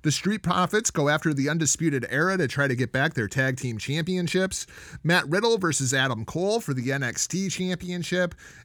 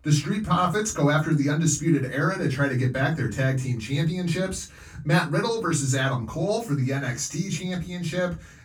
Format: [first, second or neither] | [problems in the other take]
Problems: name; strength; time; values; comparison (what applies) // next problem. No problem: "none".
first | off-mic speech; far // room echo; very slight; dies away in 0.2 s